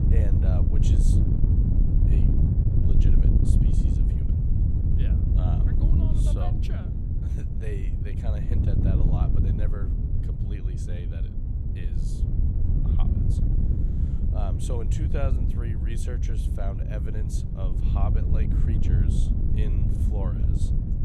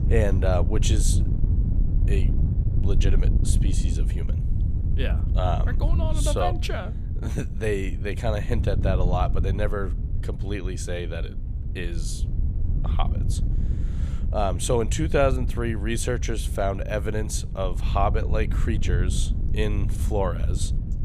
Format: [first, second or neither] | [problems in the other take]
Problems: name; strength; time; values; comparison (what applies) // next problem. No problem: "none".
second | wind noise on the microphone; heavy; 3 dB above the speech; occasional gusts in the second